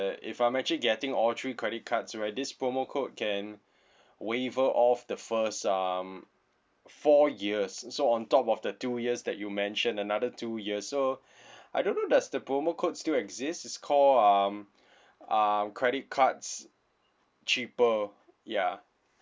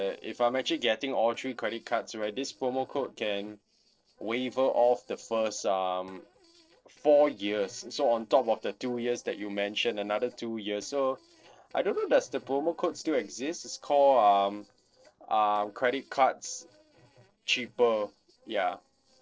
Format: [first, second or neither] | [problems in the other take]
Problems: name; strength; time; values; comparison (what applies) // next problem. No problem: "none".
first | noise reduction (neural separator model SepFormer DNS4)